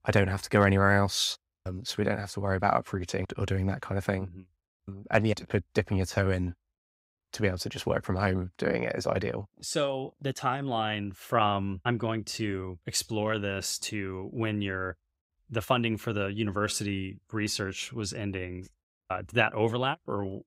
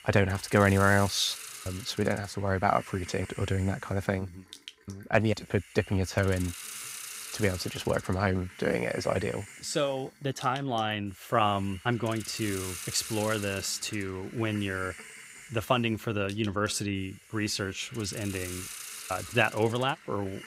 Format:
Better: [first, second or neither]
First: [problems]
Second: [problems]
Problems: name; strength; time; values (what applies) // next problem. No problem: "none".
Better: first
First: none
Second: hiss; noticeable; throughout; 15 dB below the speech